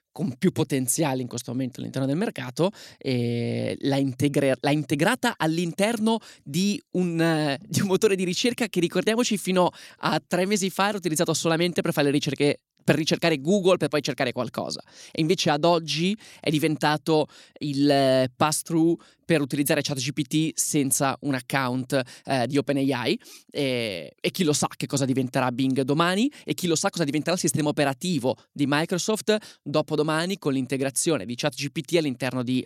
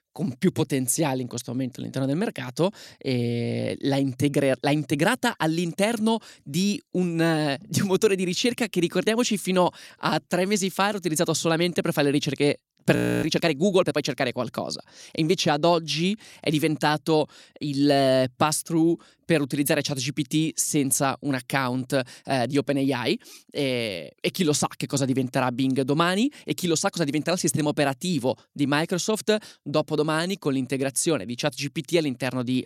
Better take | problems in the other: first | audio freezing; at 13 s

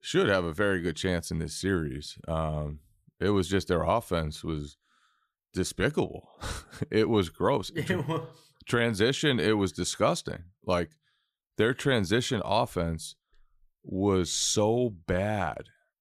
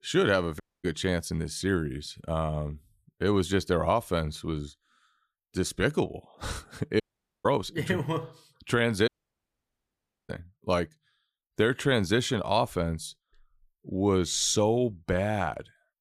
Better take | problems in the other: first | audio cutting out; at 0.5 s, at 7 s and at 9 s for 1 s

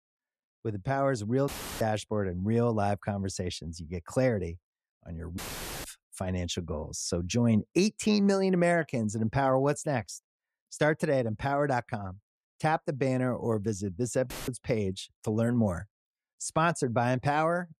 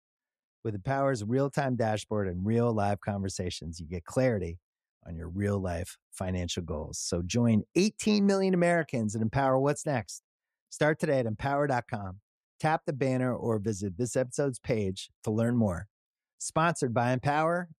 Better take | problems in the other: second | audio cutting out; filled with static; at 1.5 s, at 5.5 s and at 14 s

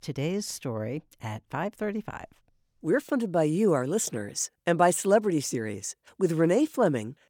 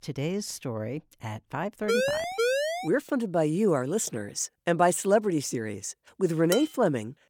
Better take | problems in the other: first | siren; loud; from 2 to 3 s; peak 2 dB above the speech // clattering dishes; noticeable; at 6.5 s; peak 6 dB below the speech

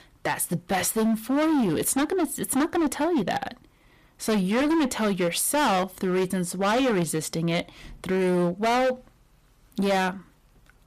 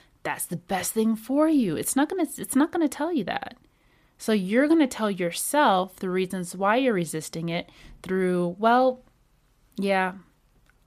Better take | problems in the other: second | distortion; heavy; 19% of the sound clipped

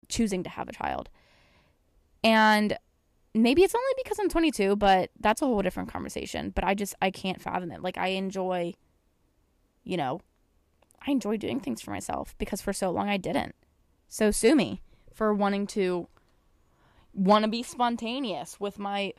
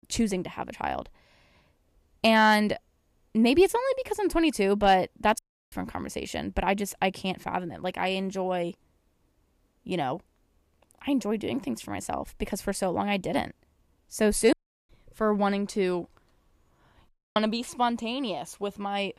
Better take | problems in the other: first | audio cutting out; at 5.5 s, at 15 s and at 17 s

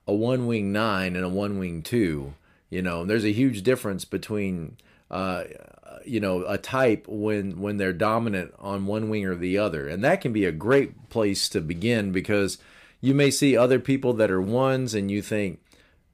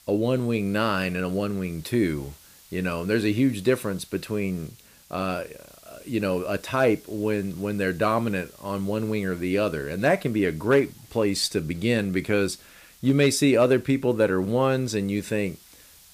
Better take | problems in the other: first | hiss; faint; throughout; 25 dB below the speech

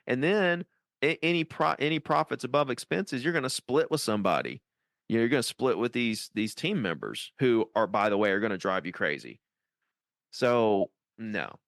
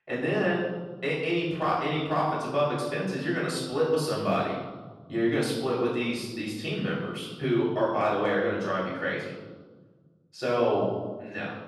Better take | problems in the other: first | off-mic speech; far // room echo; noticeable; dies away in 1.4 s

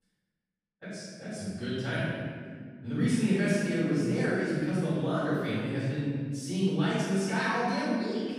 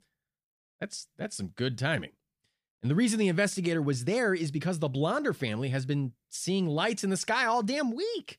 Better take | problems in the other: second | off-mic speech; far // room echo; strong; dies away in 2.1 s

